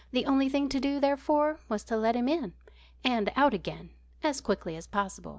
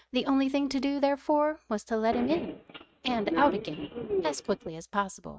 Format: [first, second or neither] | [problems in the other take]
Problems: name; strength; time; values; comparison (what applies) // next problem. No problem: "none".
first | noise reduction (neural mask model RNNoise)